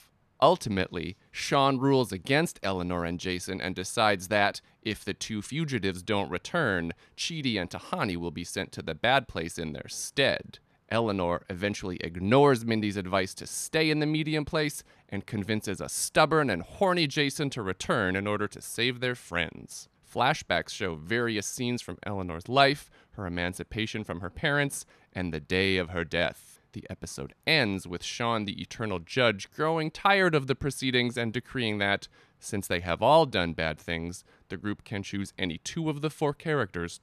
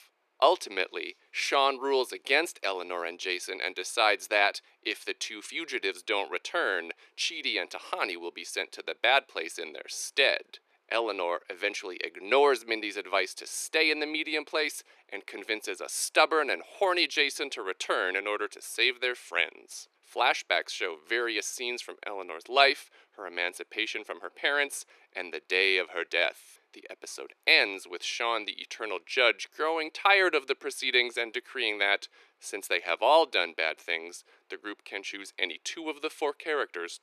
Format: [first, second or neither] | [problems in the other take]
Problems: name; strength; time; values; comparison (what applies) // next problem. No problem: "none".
first | thin; very; fading below 350 Hz